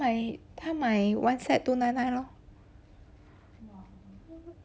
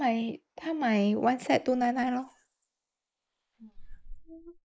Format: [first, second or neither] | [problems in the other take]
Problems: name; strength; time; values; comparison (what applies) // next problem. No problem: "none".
first | noise reduction (neural mask model Resemble Enhance denoiser)